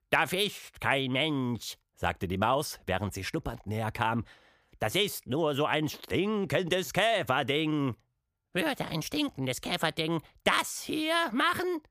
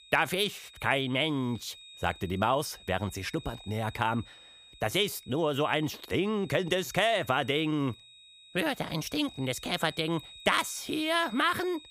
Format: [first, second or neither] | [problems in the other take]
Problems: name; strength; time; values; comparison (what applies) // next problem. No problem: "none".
first | high-pitched whine; noticeable; throughout; 4 kHz, 20 dB below the speech